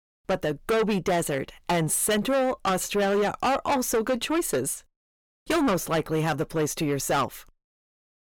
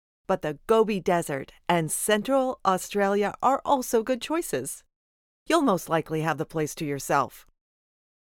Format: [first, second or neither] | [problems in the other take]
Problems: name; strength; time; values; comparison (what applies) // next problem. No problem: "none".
second | distortion; heavy; 6 dB below the speech